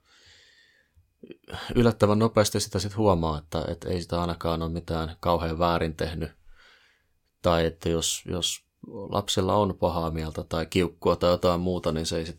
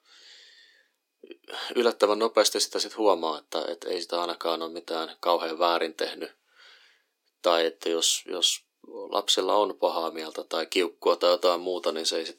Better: first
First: none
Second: thin; very; fading below 300 Hz

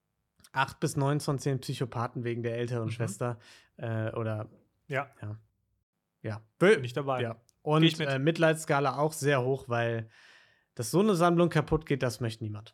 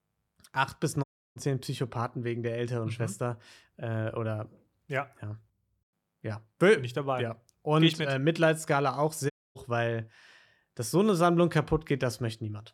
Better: first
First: none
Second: audio cutting out; at 1 s and at 9.5 s

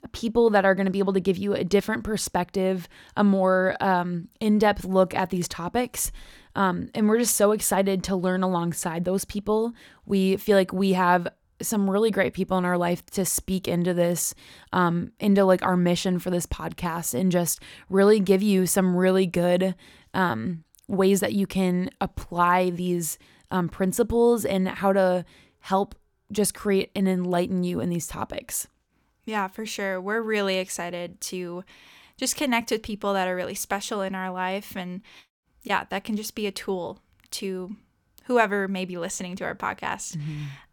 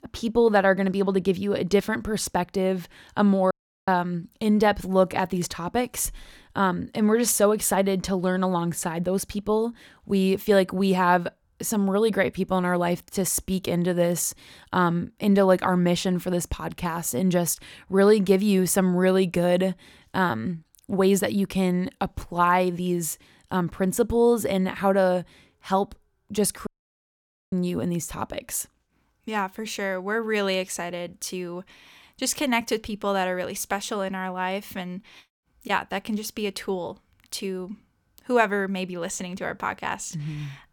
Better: first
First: none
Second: audio cutting out; at 3.5 s and at 27 s for 1 s

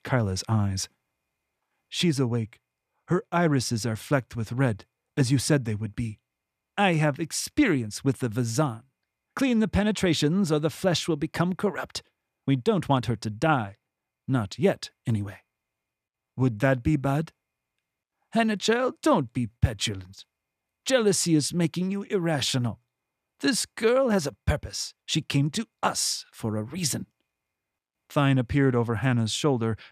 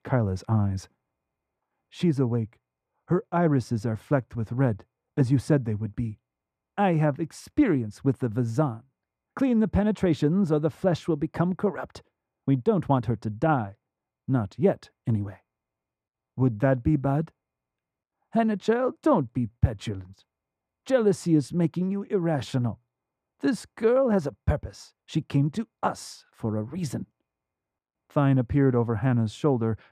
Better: first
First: none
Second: muffled; slightly; fading above 2 kHz

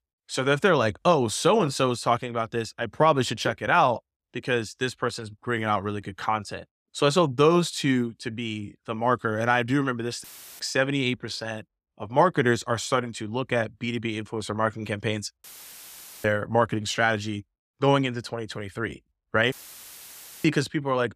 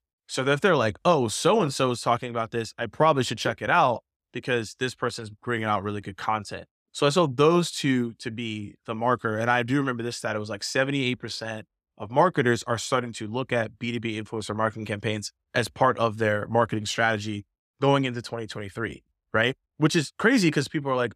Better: second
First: audio cutting out; filled with static; at 10 s, at 15 s for 1 s and at 20 s for 1 s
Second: none

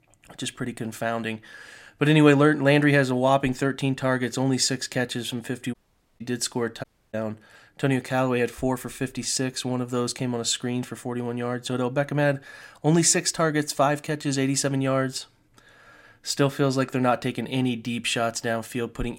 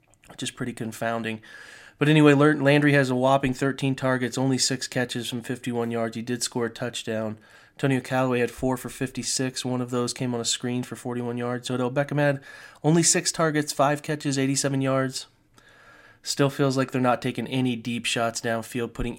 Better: second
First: audio cutting out; at 5.5 s and at 7 s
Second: none

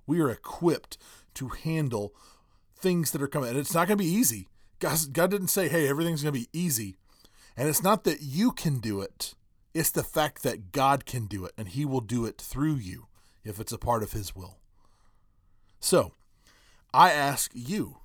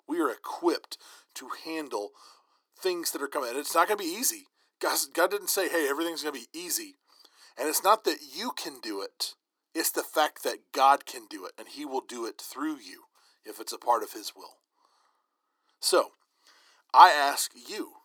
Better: first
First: none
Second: thin; very; fading below 300 Hz

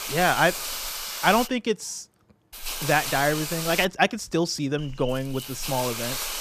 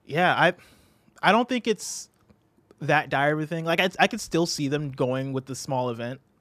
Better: second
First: hiss; loud; until 1.5 s, from 2.5 to 4 s and from 5 s on; 6 dB below the speech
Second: none

